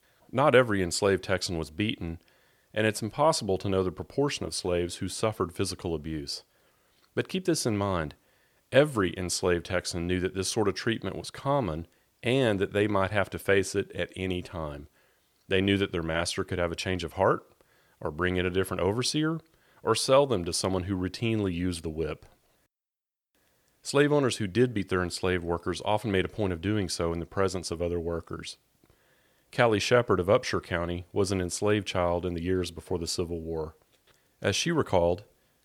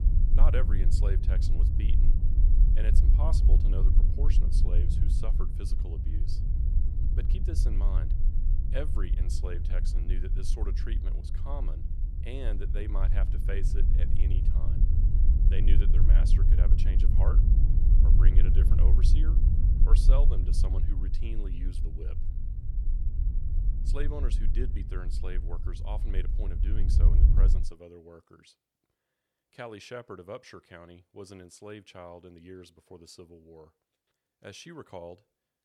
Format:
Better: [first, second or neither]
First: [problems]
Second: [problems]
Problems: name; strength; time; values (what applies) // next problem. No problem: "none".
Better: first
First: none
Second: low rumble; loud; until 28 s; 3 dB below the speech